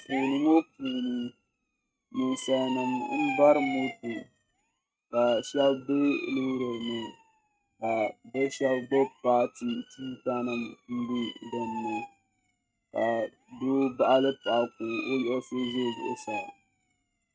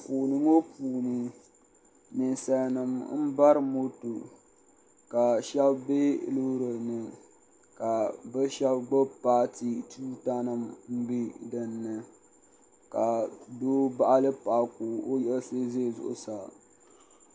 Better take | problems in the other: second | noise reduction (neural mask model RNNoise)

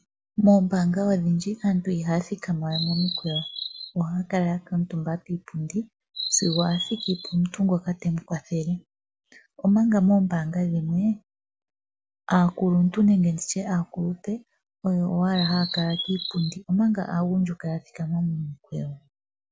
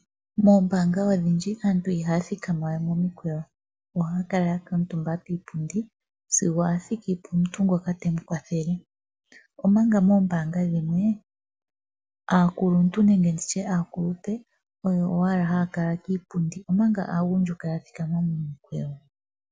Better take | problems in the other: second | background sound (Chirp, tweet); 8 dB below the speech

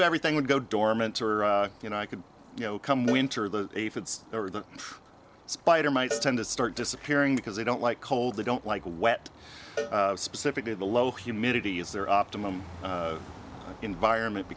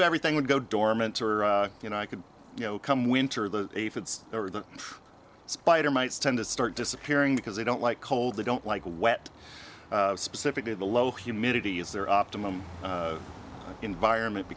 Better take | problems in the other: second | background sound (Cowbell); 15 dB below the speech

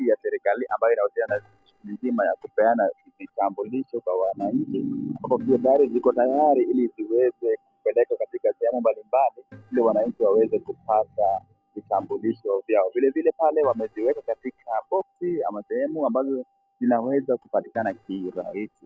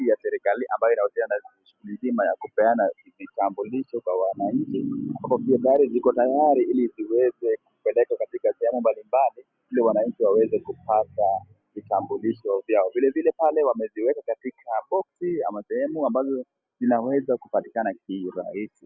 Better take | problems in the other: second | noise reduction (neural separator model SepFormer DNS4)

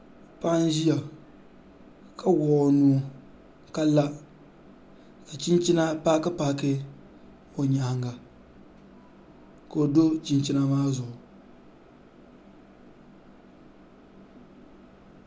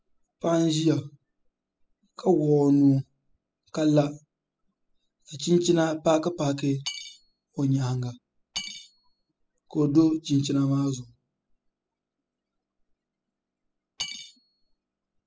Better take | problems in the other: first | noise reduction (classical method spectral subtraction)

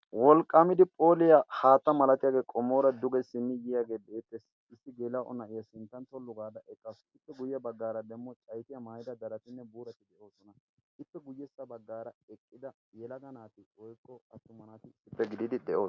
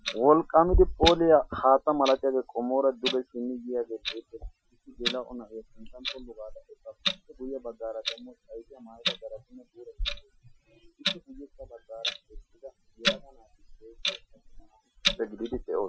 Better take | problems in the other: first | noise reduction (classical method Wiener filter)

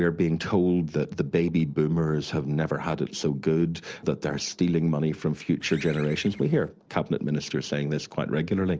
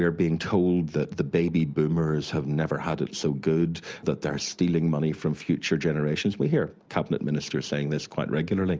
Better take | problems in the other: second | noise reduction (neural separator model SepFormer DNS4)

